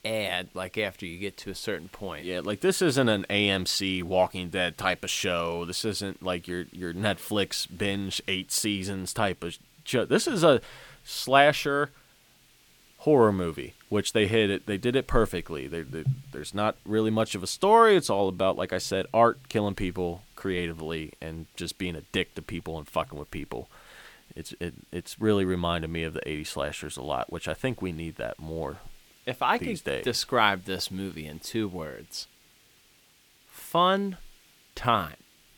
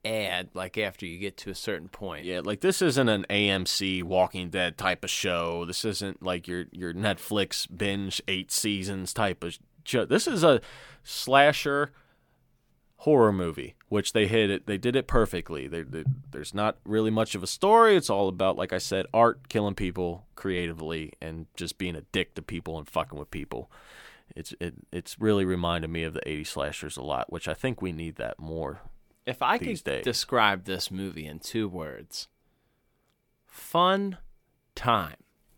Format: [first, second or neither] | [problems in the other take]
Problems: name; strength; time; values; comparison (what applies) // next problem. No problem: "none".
second | hiss; faint; throughout; 30 dB below the speech